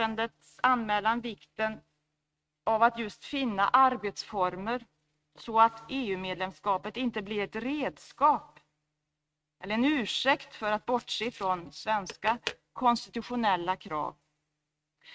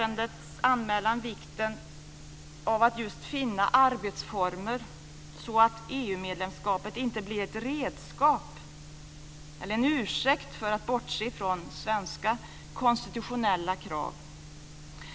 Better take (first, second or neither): second